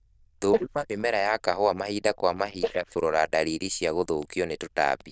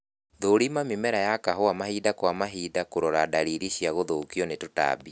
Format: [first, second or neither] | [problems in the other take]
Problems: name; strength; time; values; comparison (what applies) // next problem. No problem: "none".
second | noise reduction (neural diffusion model UNIVERSE++)